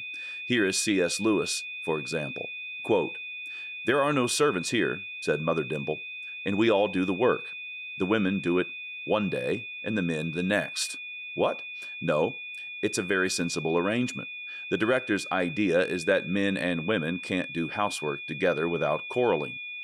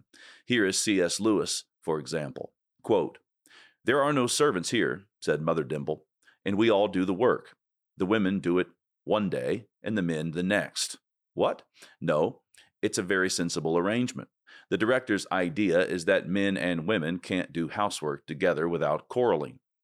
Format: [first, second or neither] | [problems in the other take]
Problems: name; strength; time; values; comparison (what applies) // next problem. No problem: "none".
second | high-pitched whine; loud; throughout; 2.5 kHz, 8 dB below the speech